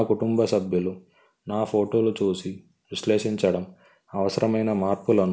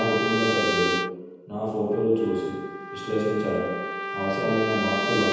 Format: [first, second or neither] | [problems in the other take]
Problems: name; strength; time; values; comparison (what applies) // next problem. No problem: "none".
first | background sound (Trumpet); 4 dB below the speech // room echo; dies away in 1.2 s